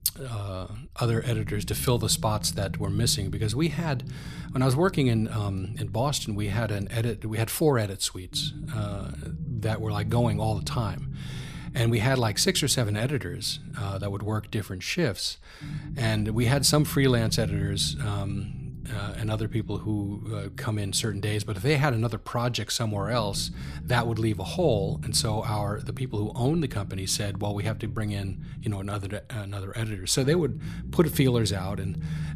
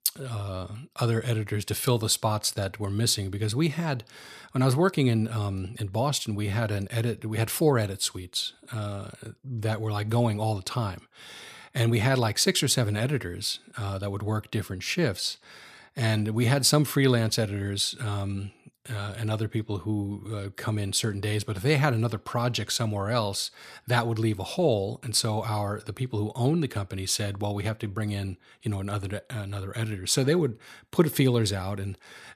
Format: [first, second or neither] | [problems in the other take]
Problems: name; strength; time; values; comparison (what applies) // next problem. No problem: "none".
second | low rumble; noticeable; throughout; 20 dB below the speech